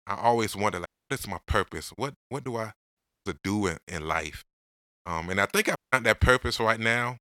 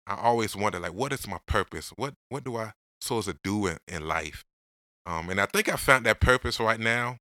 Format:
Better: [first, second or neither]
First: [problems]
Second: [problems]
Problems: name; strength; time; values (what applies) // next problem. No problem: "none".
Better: second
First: audio cutting out; at 1 s, at 3 s and at 6 s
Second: none